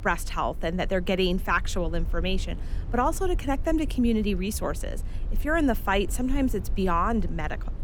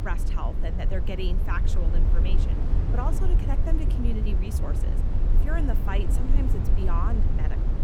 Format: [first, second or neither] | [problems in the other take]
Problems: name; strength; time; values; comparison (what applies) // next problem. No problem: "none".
first | low rumble; loud; throughout; 4 dB below the speech; faint in the first